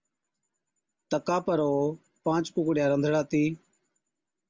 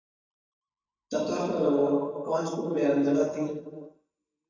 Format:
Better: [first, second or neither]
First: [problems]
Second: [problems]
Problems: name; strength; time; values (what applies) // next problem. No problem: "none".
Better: first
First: none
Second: noise reduction (neural mask model DeepFilterNet 3)